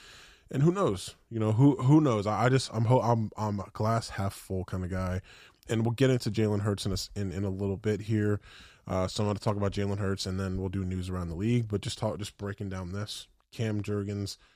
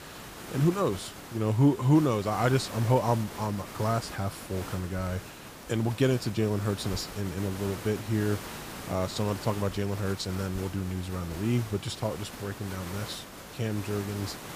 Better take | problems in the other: first | hiss; noticeable; throughout; 10 dB below the speech

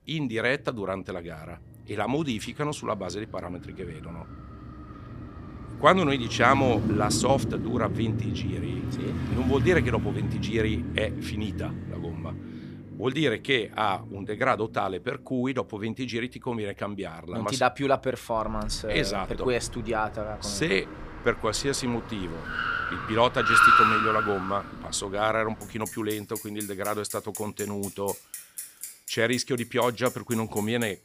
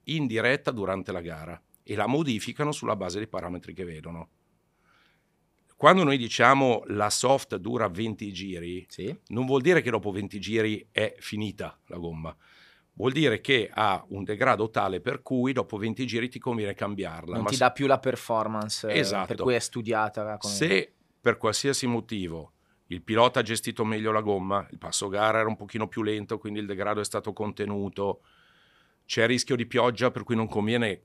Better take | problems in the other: second | traffic noise; loud; throughout; 1 dB below the speech

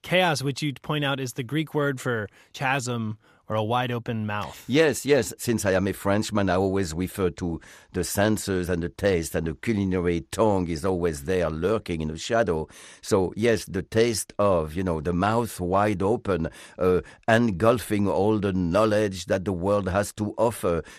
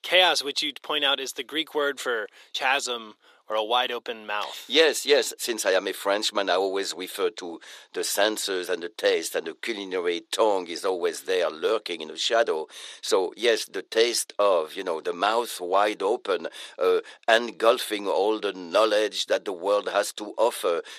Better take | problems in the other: first | thin; very; fading below 350 Hz

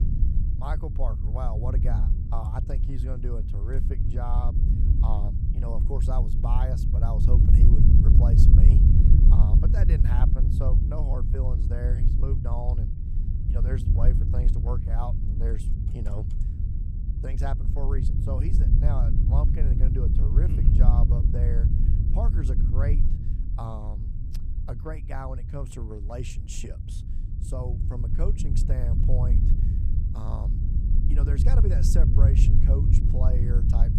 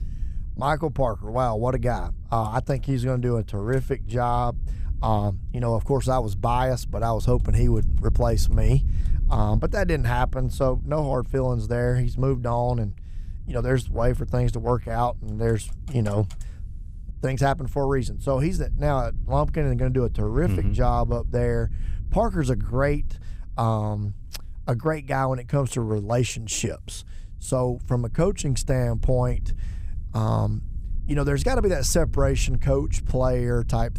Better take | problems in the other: second | low rumble; loud; throughout; 1 dB below the speech; faint in the second

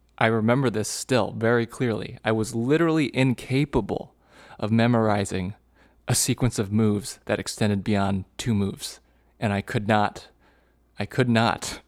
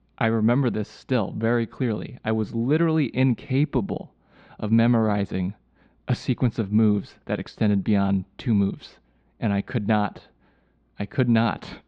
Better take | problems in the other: first | muffled; slightly; fading above 4 kHz

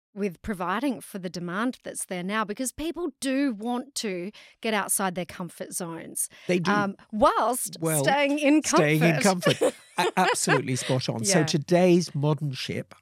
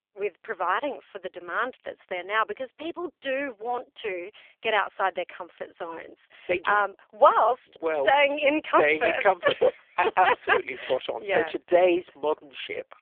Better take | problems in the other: first | phone-call audio; poor line

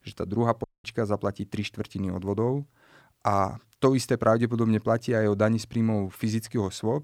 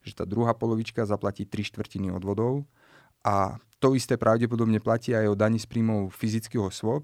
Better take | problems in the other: second | audio cutting out; at 0.5 s

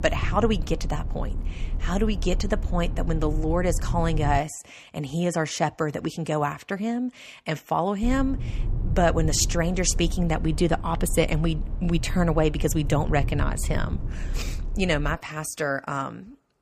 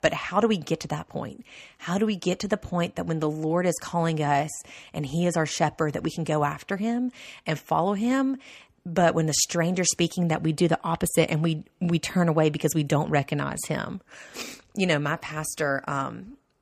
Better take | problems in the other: second | low rumble; noticeable; until 4.5 s and from 8 to 15 s; 20 dB below the speech

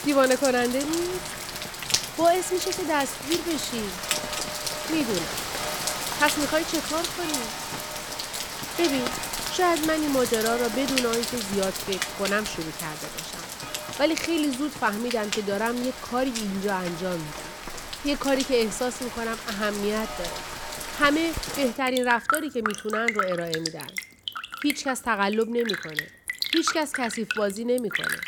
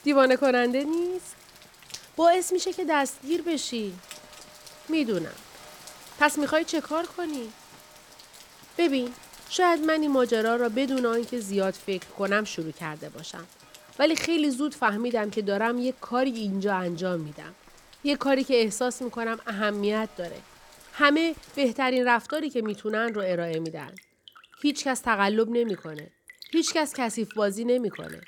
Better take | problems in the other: second | rain or running water; loud; throughout; 4 dB below the speech; faint in the second

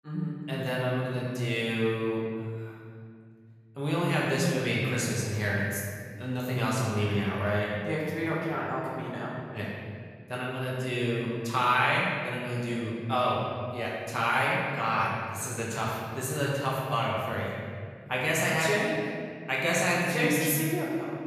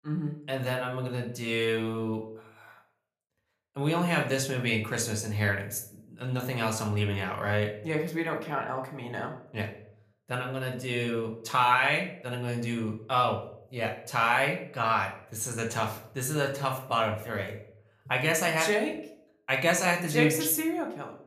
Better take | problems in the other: second | room echo; strong; dies away in 2.1 s; slight in the second // off-mic speech; far; somewhat distant in the second

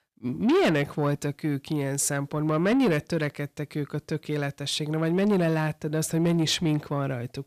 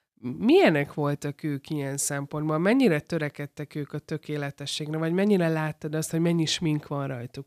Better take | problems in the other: second | distortion; slight; 10 dB below the speech

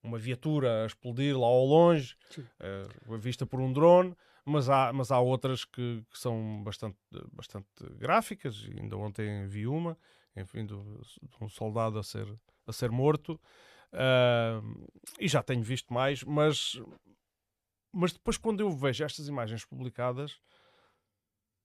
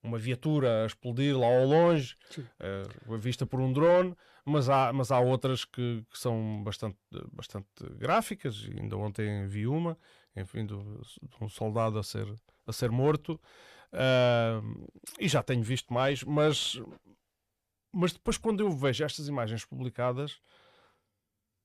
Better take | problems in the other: first | distortion; slight; 10 dB below the speech

